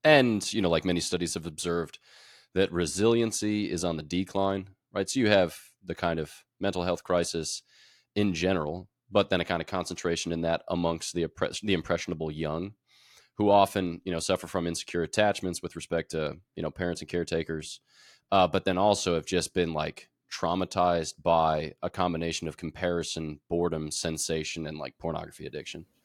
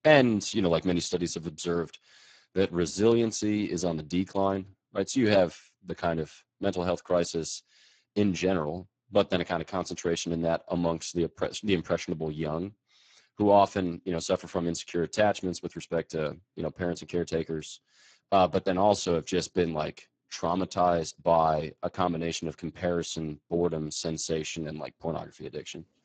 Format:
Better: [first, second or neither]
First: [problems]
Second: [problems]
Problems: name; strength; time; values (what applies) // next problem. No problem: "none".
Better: first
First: none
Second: garbled, watery; badly; nothing above 7.5 kHz